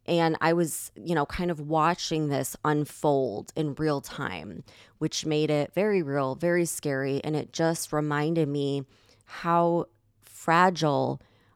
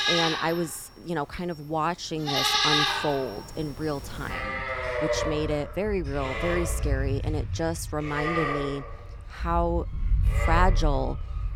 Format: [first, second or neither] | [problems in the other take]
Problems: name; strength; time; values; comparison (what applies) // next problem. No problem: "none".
first | animal sounds; very loud; throughout; 2 dB above the speech